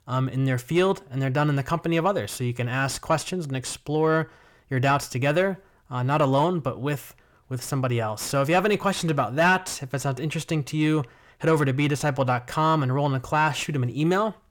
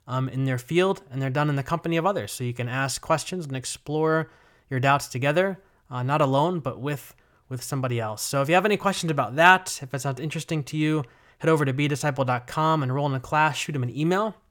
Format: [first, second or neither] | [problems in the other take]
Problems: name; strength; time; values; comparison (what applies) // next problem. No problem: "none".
second | distortion; slight; 10 dB below the speech